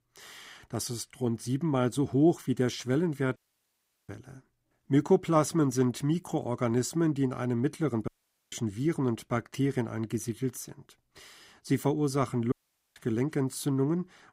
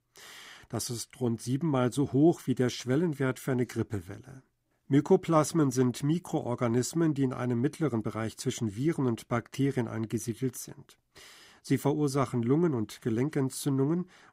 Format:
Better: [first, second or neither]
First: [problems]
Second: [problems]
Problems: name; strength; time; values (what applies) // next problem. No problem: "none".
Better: second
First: audio cutting out; at 3.5 s for 0.5 s, at 8 s and at 13 s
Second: none